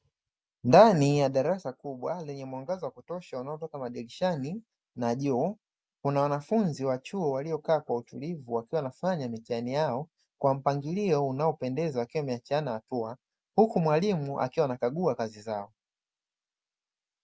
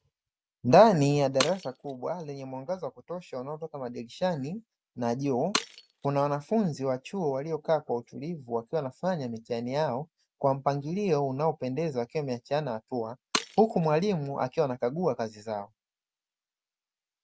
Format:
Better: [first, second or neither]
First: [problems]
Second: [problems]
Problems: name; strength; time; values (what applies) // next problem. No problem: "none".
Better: first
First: none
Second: background sound (Shatter); 12 dB below the speech